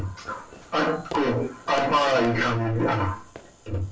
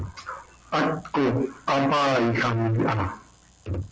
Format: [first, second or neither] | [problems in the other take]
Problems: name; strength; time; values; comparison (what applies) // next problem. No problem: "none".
second | background sound (Fireworks); 19 dB below the speech // room echo; dies away in 0.3 s